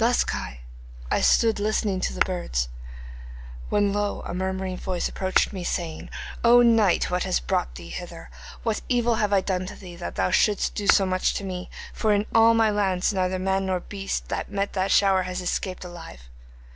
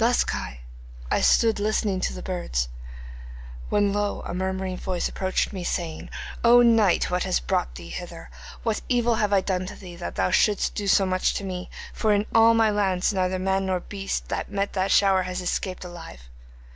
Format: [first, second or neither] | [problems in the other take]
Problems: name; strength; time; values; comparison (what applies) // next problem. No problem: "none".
second | background sound (Tap / Hammer); 12 dB below the speech